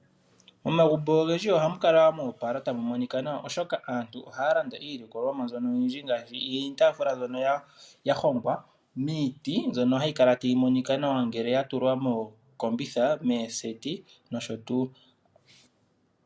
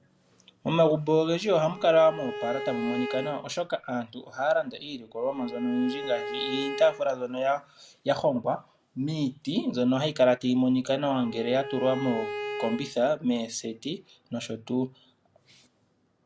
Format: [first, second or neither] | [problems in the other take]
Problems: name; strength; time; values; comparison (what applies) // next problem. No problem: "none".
first | background sound (Bowed string instrument); 10 dB below the speech